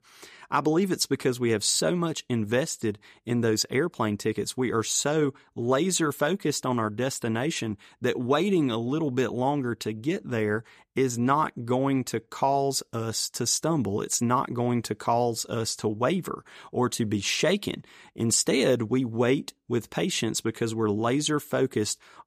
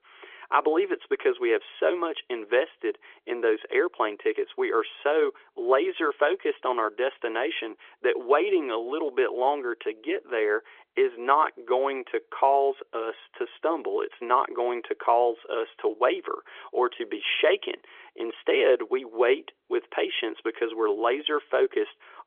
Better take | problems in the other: first | phone-call audio; nothing above 3.5 kHz

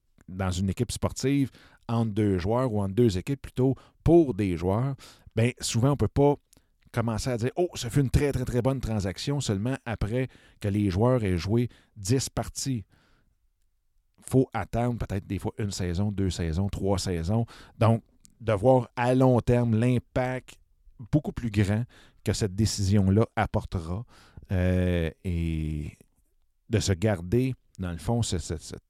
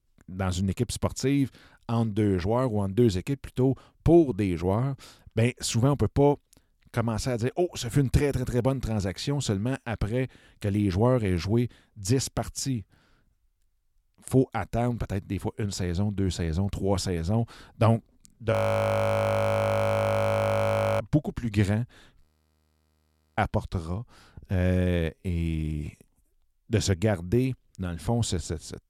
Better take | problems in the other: first | audio freezing; at 19 s for 2.5 s and at 22 s for 1 s

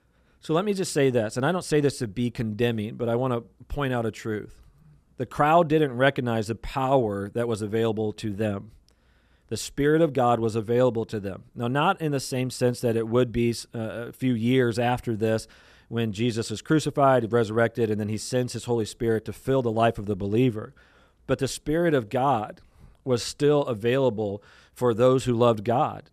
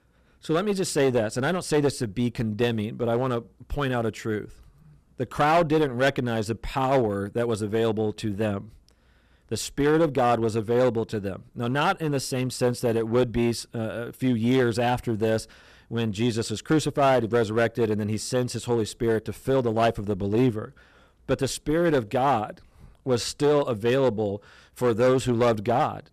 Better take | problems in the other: first | distortion; slight; 6% of the sound clipped

